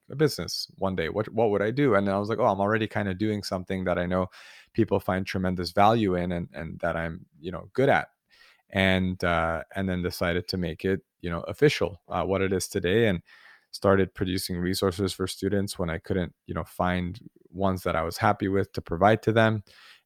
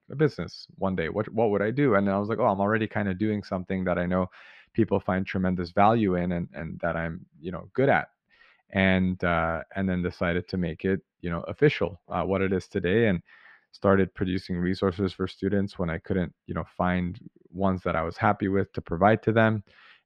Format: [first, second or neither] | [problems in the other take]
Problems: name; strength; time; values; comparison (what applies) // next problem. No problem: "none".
first | muffled; slightly; fading above 2.5 kHz